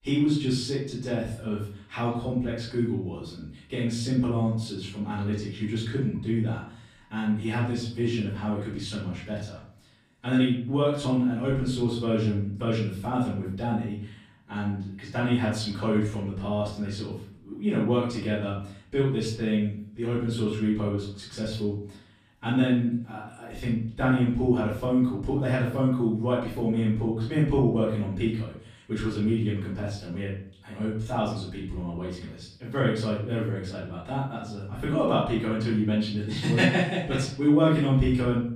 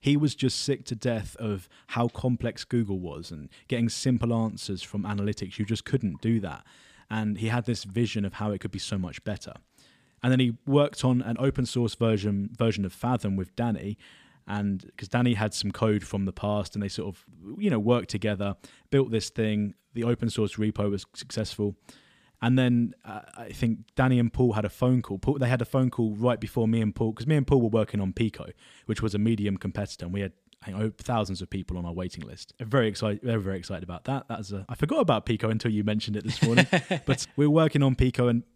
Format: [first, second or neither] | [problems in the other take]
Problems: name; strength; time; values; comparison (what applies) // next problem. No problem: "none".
second | off-mic speech; far // room echo; noticeable; dies away in 0.5 s